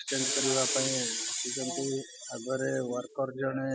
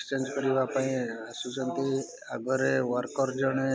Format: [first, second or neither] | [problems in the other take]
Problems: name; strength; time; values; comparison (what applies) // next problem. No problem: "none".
second | noise reduction (classical method spectral subtraction)